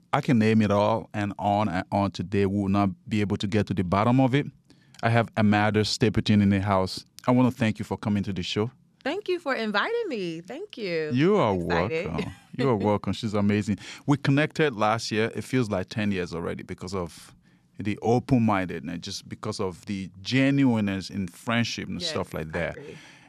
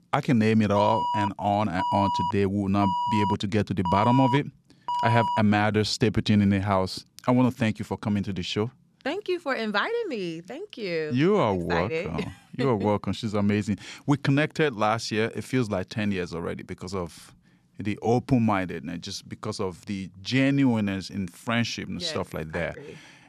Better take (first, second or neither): first